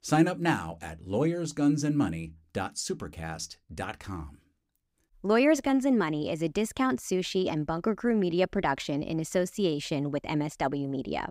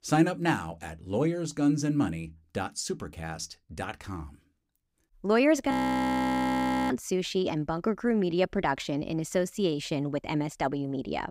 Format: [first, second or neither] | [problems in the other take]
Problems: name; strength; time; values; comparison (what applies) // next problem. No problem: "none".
first | audio freezing; at 5.5 s for 1 s